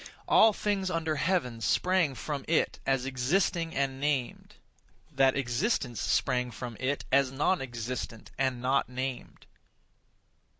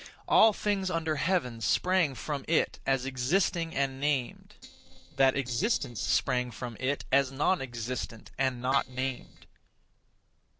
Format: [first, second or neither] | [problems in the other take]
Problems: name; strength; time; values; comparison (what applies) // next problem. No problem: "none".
first | noise reduction (neural separator model SepFormer DNS4)